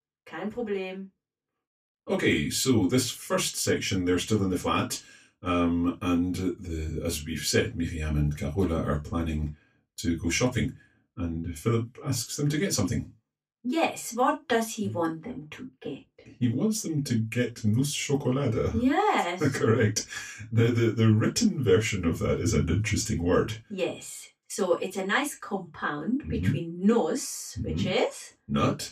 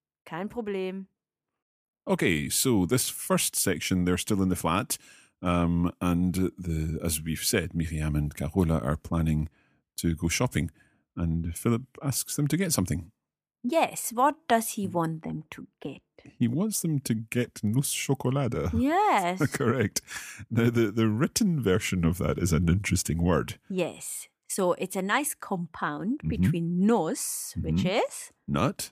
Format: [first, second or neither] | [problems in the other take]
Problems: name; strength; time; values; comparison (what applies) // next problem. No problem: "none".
second | room echo; slight; dies away in 0.2 s // off-mic speech; far